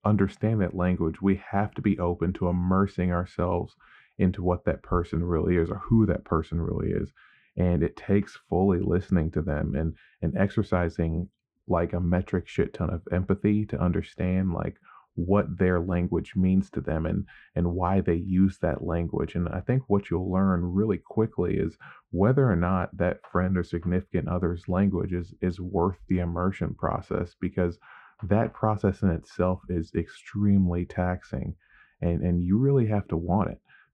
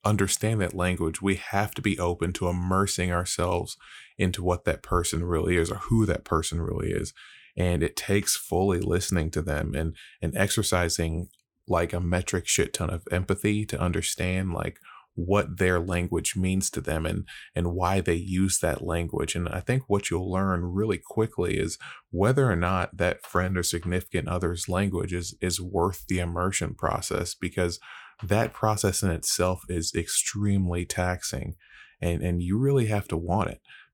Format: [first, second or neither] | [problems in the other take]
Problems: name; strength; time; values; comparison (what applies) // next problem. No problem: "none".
second | muffled; very; fading above 1.5 kHz